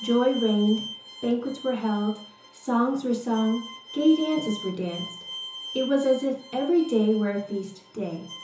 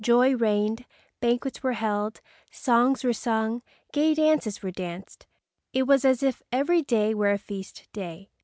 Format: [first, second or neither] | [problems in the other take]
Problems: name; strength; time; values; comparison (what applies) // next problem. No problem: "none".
second | background sound (Bowed string instrument); 15 dB below the speech // room echo; dies away in 0.7 s